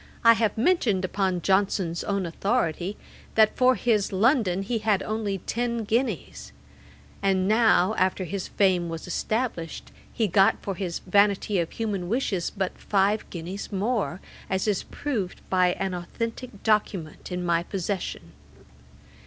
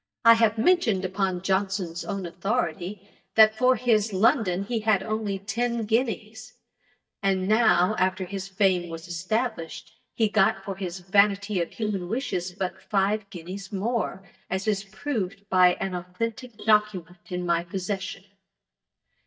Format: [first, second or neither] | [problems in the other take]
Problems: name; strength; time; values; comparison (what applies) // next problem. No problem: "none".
first | noise reduction (neural mask model DeepFilterNet 3)